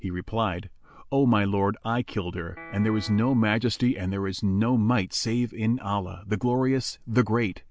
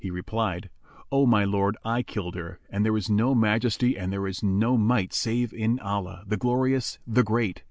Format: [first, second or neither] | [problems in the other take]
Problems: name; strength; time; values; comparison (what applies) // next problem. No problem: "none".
second | background sound (Piano); 18 dB below the speech